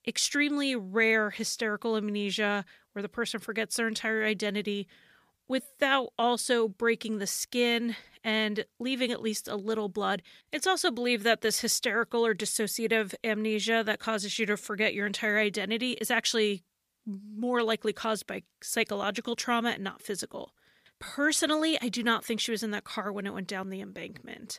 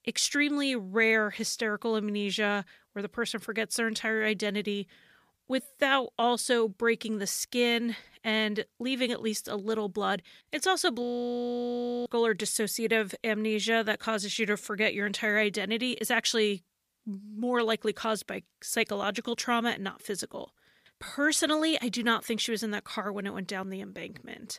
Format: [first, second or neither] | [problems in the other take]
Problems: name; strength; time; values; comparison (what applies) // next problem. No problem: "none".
first | audio freezing; at 11 s for 1 s